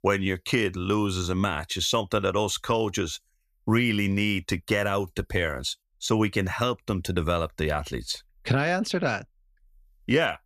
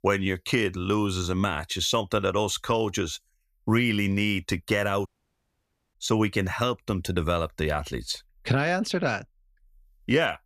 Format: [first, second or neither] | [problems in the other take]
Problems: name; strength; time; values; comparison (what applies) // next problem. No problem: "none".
first | audio cutting out; at 5 s for 1 s